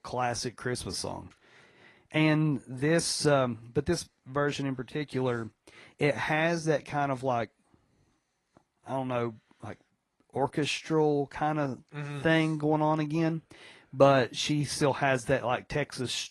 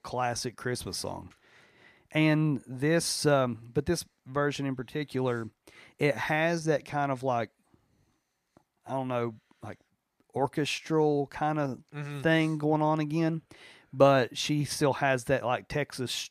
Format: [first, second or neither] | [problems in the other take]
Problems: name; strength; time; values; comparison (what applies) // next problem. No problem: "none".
second | garbled, watery; slightly